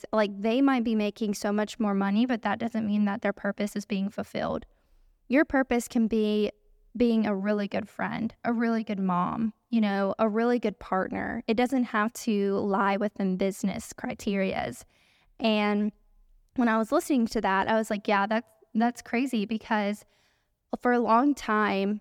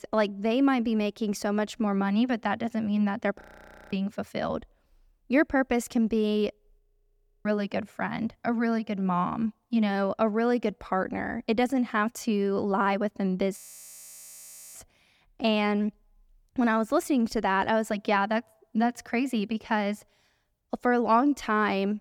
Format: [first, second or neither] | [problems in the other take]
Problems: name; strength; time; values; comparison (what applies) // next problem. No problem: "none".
first | audio freezing; at 3.5 s for 0.5 s, at 7 s for 0.5 s and at 14 s for 1 s